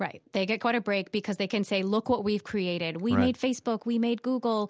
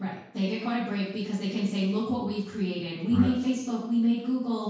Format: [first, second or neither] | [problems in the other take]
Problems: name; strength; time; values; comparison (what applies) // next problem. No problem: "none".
first | room echo; dies away in 0.6 s